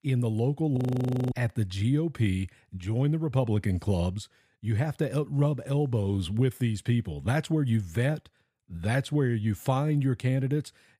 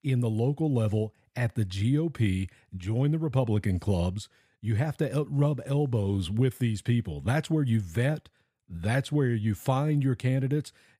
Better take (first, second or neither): second